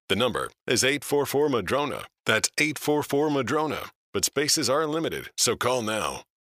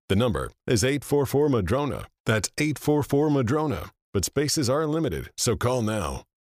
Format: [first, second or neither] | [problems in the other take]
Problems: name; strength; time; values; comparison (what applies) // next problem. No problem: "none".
second | thin; very slightly; fading below 500 Hz